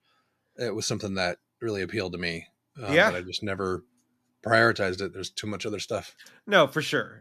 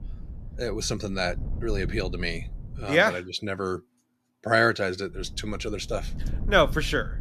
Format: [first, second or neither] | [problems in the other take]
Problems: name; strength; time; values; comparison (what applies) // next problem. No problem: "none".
first | wind noise on the microphone; occasional gusts; until 3 s and from 5 s on; 25 dB below the speech